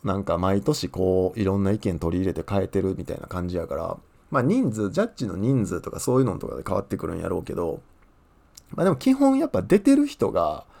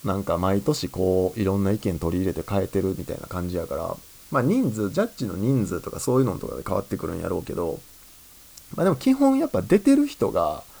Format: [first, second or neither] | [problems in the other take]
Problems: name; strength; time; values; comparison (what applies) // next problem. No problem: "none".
first | hiss; faint; throughout; 20 dB below the speech